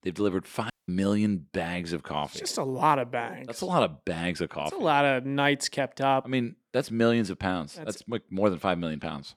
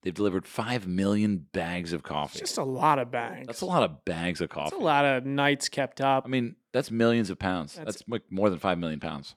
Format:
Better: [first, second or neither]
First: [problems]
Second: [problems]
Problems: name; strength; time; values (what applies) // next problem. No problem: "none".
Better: second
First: audio cutting out; at 0.5 s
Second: none